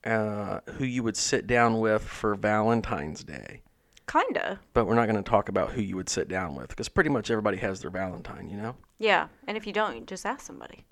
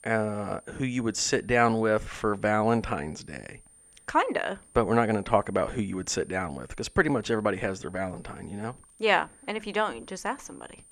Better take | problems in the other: first | high-pitched whine; faint; throughout; 9 kHz, 25 dB below the speech

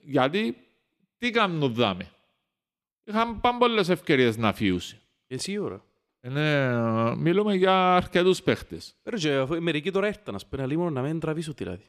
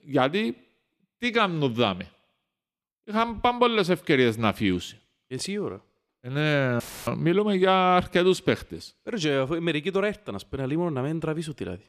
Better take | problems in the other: first | audio cutting out; filled with static; at 7 s

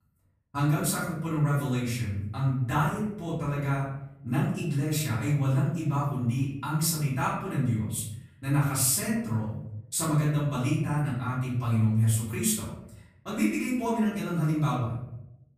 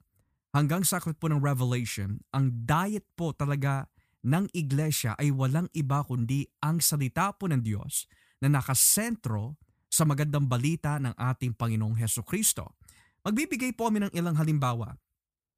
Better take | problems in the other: second | off-mic speech; far // room echo; noticeable; dies away in 0.7 s

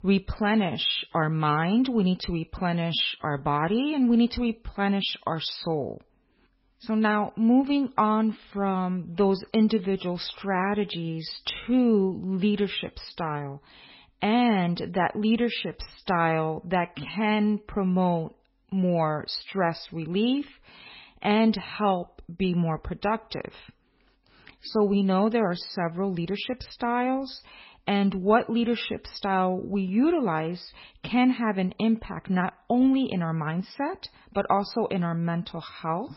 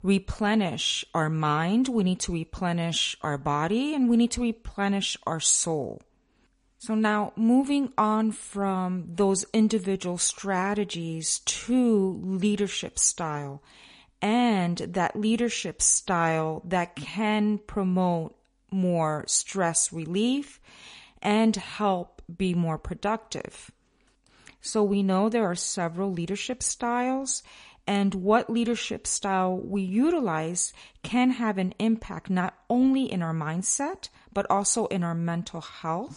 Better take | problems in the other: second | garbled, watery; badly; nothing above 5.5 kHz; slightly in the second

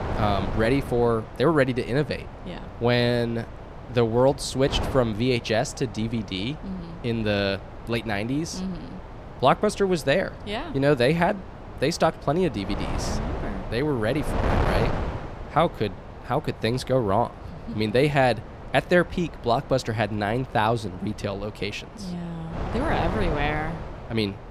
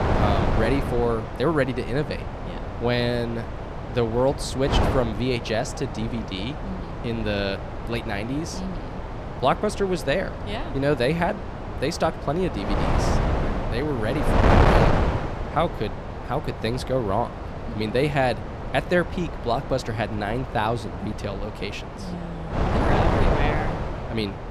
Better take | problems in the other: first | wind noise on the microphone; heavy; 3 dB below the speech; occasional gusts in the first

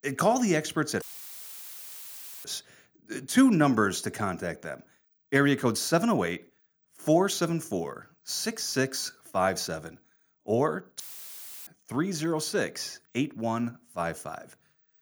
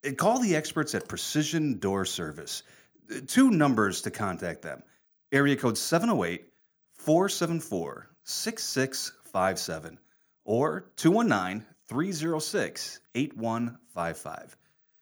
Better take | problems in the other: second | audio cutting out; filled with static; at 1 s for 1.5 s and at 11 s for 0.5 s

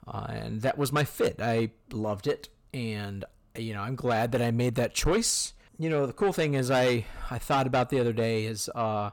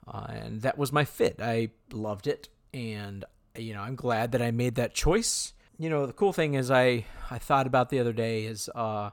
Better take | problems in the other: second | distortion; slight; 10 dB below the speech

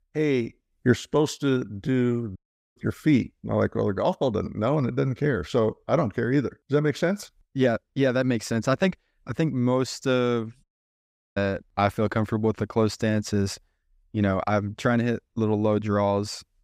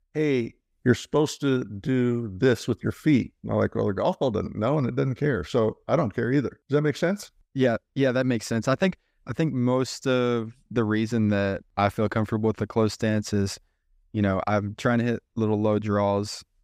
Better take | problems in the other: second | audio cutting out; at 2.5 s and at 11 s for 0.5 s

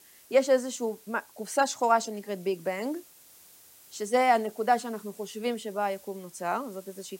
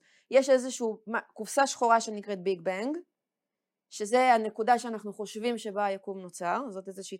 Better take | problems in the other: second | hiss; faint; throughout; 25 dB below the speech

